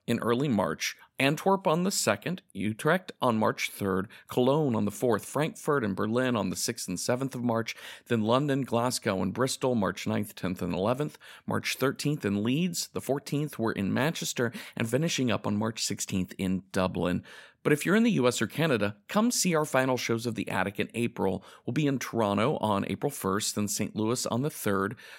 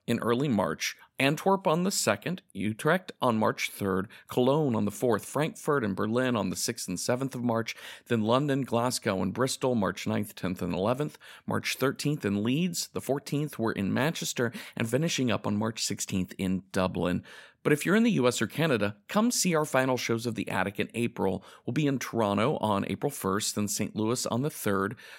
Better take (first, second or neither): neither